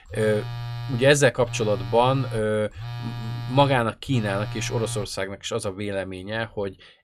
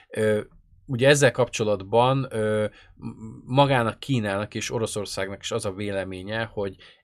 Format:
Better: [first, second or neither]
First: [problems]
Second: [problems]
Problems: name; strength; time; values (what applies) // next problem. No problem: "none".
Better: second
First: phone ringing; noticeable; until 5 s; peak 8 dB below the speech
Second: none